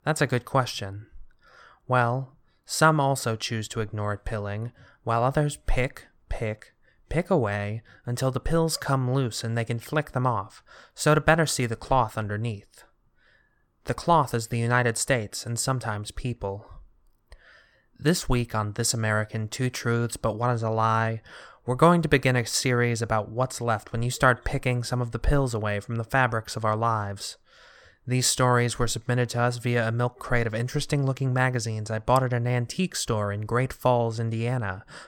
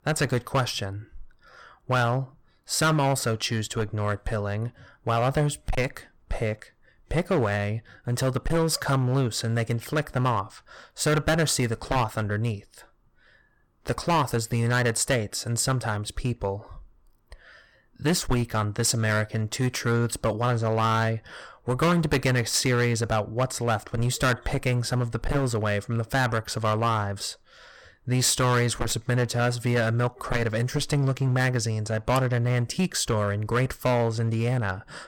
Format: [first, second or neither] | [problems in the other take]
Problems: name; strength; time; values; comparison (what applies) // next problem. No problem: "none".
first | distortion; heavy; 8% of the sound clipped